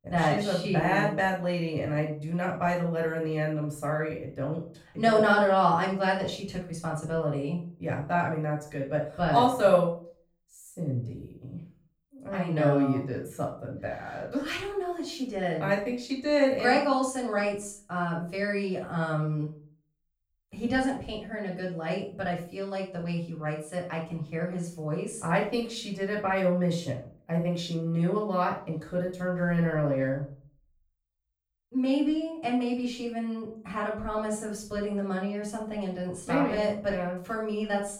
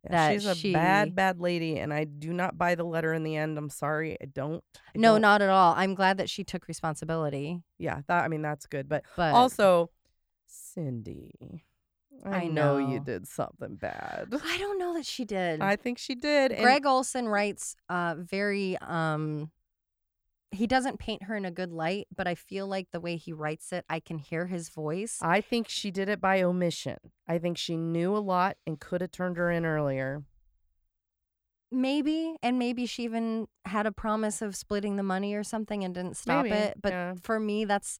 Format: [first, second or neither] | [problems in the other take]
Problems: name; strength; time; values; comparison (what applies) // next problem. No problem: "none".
second | off-mic speech; far // room echo; noticeable; dies away in 0.4 s